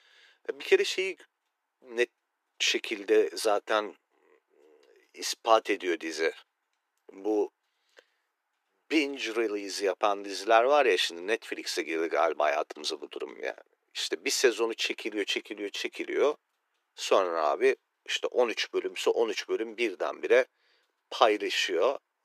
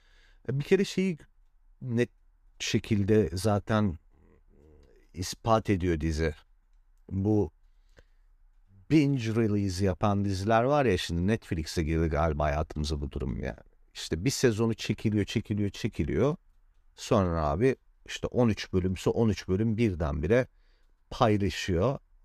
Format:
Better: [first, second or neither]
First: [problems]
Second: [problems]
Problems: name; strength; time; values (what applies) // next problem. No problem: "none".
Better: second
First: thin; very; fading below 350 Hz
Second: none